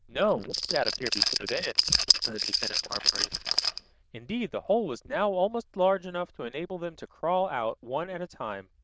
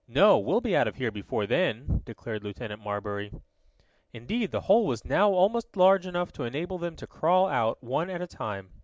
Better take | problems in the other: second | noise reduction (neural diffusion model UNIVERSE++)

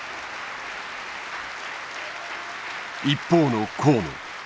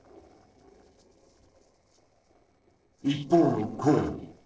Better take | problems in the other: first | noise reduction (neural separator model SepFormer DNS4)

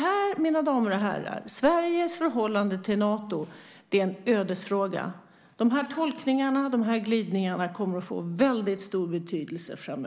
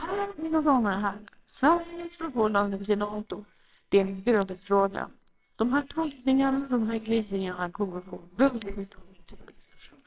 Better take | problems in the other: first | noise reduction (neural separator model SepFormer WHAMR!)

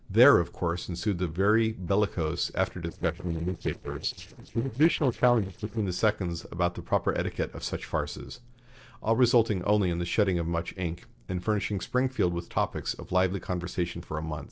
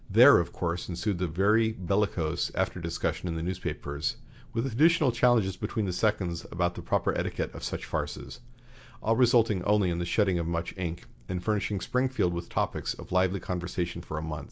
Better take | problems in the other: second | noise reduction (neural separator model SepFormer DNS4)

